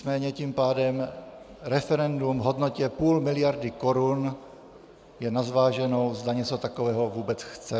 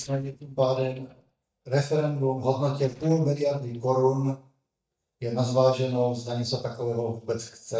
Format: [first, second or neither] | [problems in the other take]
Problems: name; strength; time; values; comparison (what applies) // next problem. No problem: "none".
first | noise reduction (neural mask model DeepFilterNet 3)